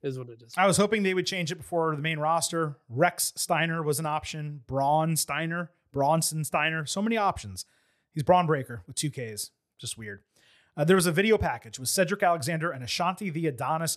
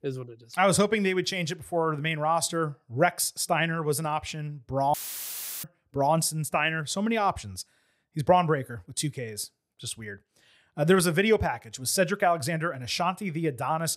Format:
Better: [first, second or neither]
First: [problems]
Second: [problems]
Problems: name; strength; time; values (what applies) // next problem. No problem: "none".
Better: first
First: none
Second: audio cutting out; filled with static; at 5 s for 0.5 s